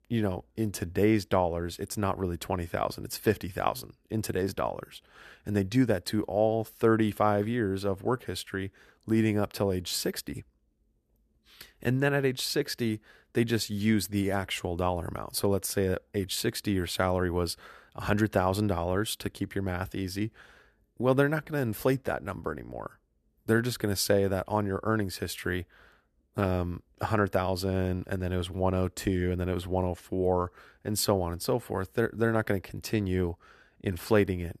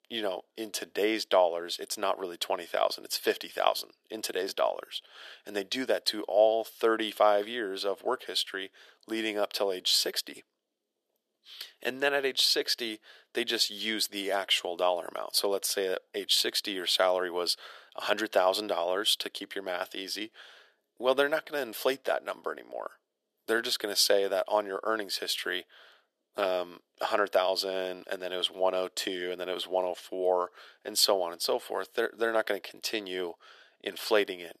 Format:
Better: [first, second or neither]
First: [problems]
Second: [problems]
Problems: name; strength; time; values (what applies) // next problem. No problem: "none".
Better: first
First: none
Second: thin; very; fading below 400 Hz